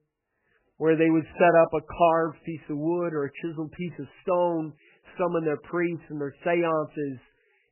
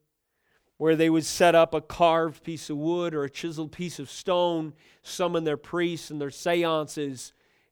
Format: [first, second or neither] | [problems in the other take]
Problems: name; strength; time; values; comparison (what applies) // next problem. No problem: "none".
second | garbled, watery; badly; nothing above 3 kHz